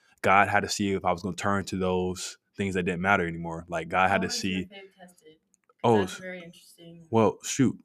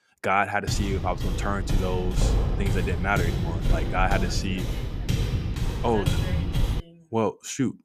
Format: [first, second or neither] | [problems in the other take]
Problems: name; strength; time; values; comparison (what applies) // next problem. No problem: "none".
first | footsteps; loud; from 0.5 to 7 s; peak 3 dB above the speech